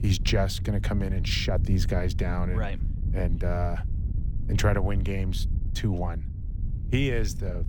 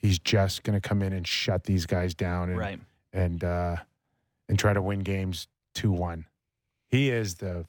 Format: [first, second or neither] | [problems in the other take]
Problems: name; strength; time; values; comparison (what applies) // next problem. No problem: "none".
second | wind noise on the microphone; occasional gusts; 15 dB below the speech